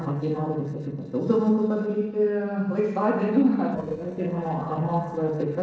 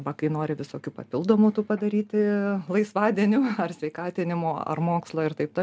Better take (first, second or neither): second